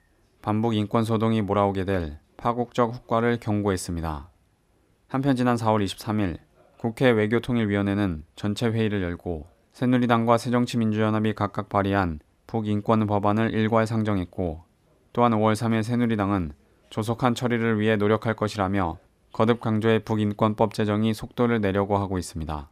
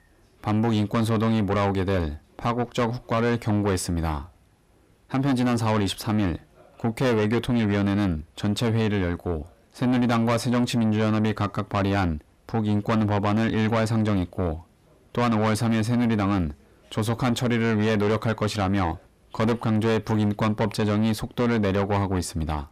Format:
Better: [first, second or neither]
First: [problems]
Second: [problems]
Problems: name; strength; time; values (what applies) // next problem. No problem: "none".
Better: first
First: none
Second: distortion; heavy; 7 dB below the speech